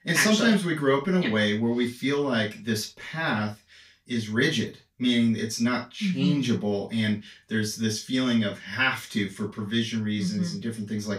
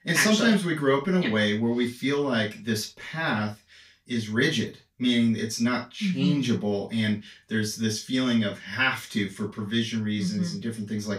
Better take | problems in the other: neither | room echo; slight; dies away in 0.2 s; the same in both // off-mic speech; far; the same in both

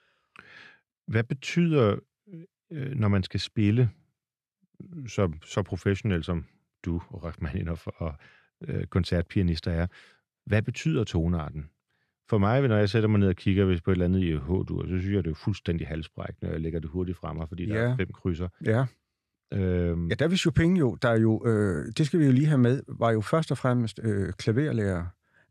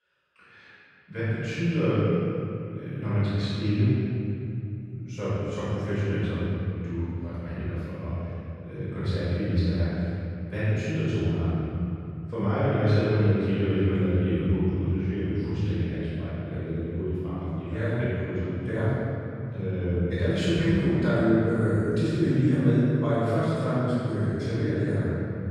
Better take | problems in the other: first | off-mic speech; far // room echo; strong; dies away in 2.8 s

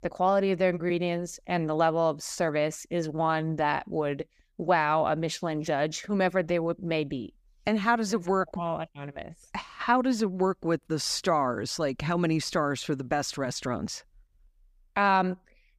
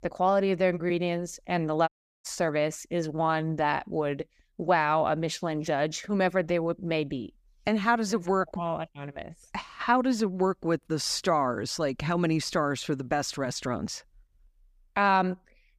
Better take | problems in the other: first | audio cutting out; at 2 s

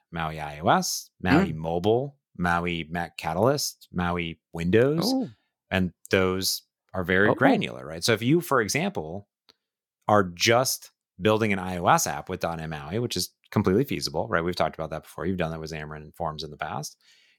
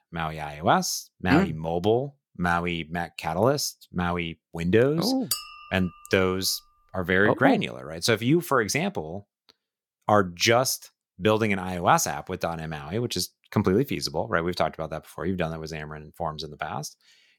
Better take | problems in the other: first | clattering dishes; noticeable; at 5.5 s; peak 4 dB below the speech

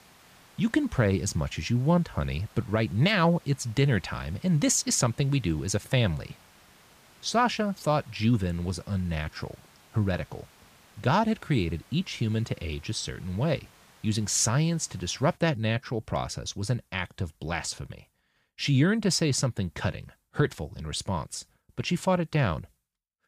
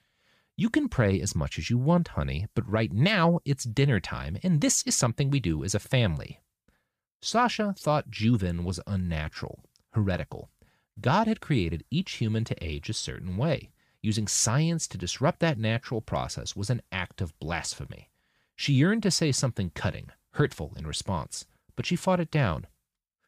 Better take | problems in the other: second | hiss; faint; until 15 s; 25 dB below the speech

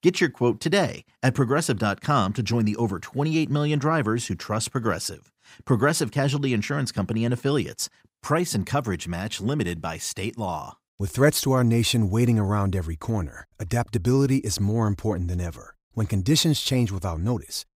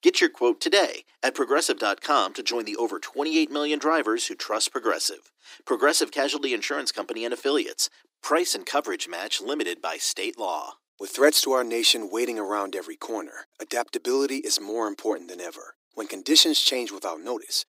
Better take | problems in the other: first | thin; very; fading below 300 Hz

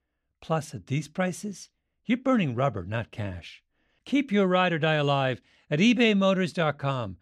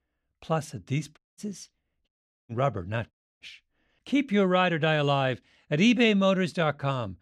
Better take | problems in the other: first | audio cutting out; at 1 s, at 2 s and at 3 s

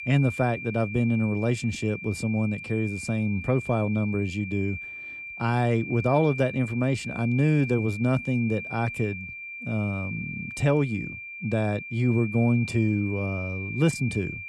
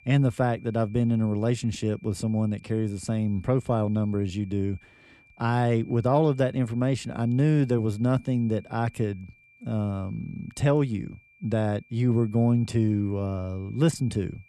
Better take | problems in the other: second | high-pitched whine; loud; throughout; 2.5 kHz, 9 dB below the speech; faint in the second

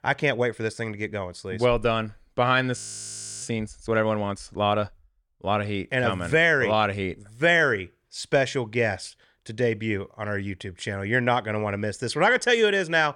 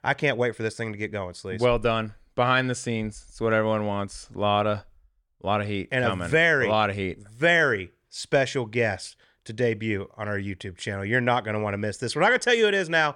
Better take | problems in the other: second | audio freezing; at 3 s for 0.5 s

